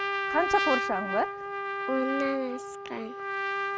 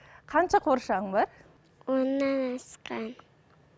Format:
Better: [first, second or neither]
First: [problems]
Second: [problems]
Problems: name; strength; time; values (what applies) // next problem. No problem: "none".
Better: second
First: background sound (Trumpet); as loud as the speech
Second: none